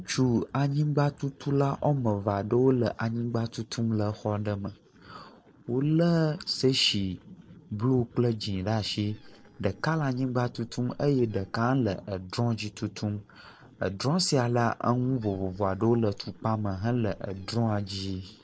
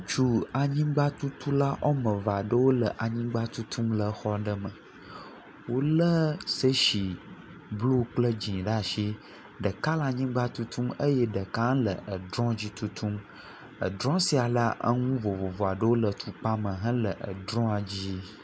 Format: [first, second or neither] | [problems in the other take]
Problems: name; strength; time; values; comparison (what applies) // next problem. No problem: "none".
second | noise reduction (neural separator model SepFormer DNS4)